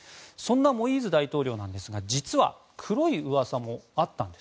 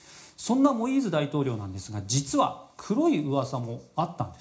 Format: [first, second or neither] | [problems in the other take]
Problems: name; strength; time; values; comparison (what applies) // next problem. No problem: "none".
first | room echo; dies away in 0.4 s